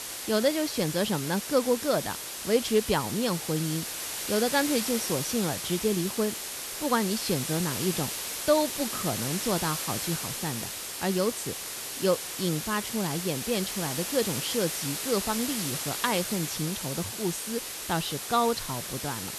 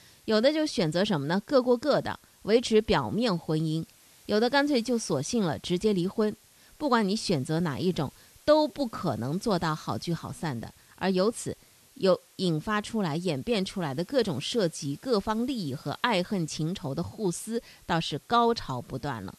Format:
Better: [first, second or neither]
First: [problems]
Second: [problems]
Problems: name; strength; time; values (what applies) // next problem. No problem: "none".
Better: second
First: hiss; loud; throughout; 3 dB below the speech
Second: hiss; faint; throughout; 25 dB below the speech